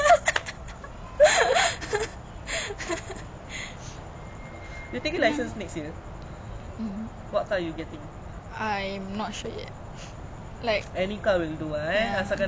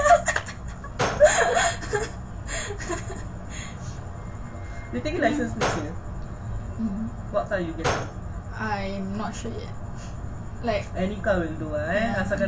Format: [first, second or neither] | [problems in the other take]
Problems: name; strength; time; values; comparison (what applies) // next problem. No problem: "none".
first | background sound (Gunshot, gunfire); 8 dB below the speech // room echo; dies away in 0.2 s